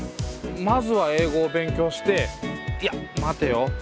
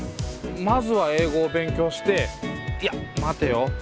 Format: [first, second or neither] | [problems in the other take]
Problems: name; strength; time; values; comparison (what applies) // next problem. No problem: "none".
first | background sound (Tap); 19 dB below the speech